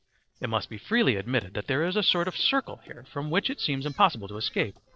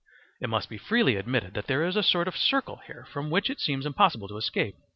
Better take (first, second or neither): second